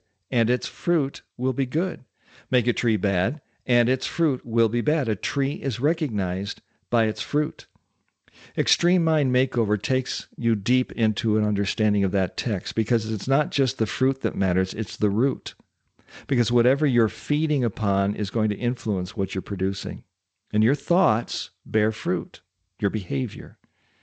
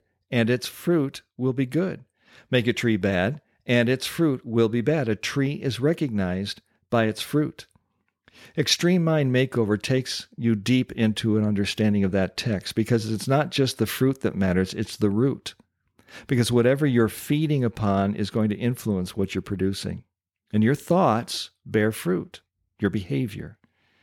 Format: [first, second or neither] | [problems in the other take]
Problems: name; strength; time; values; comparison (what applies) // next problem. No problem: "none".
second | garbled, watery; slightly; nothing above 8 kHz